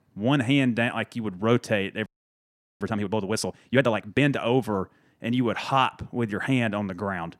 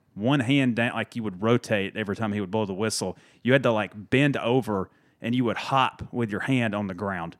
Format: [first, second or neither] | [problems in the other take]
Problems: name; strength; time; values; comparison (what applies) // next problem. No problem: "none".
second | audio freezing; at 2 s for 1 s